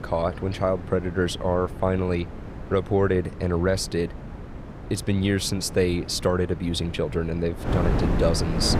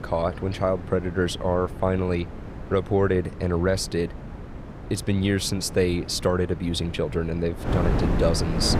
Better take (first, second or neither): neither